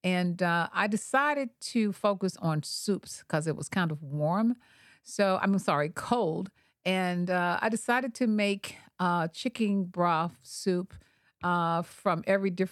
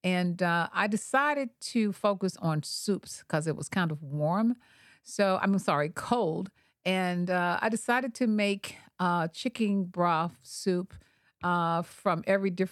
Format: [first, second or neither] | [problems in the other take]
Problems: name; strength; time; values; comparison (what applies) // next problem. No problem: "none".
neither | none